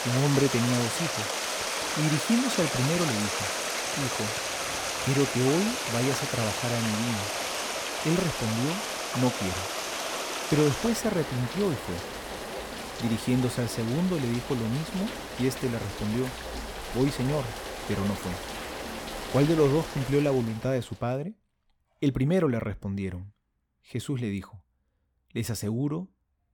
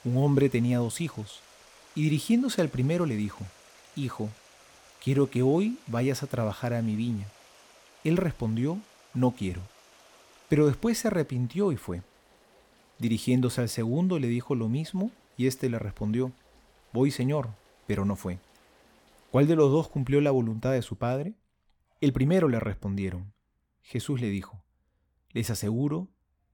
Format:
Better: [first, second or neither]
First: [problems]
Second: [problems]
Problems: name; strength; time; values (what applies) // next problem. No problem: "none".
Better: second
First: rain or running water; loud; until 20 s; 3 dB below the speech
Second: rain or running water; faint; until 20 s; 25 dB below the speech